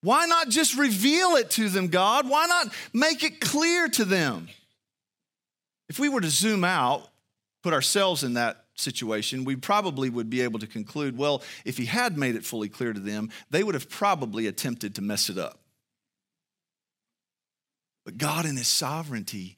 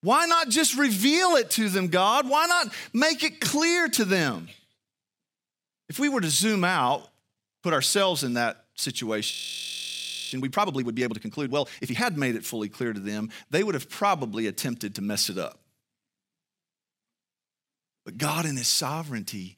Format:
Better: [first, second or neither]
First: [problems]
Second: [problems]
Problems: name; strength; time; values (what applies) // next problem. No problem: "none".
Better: first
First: none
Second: audio freezing; at 9.5 s for 1 s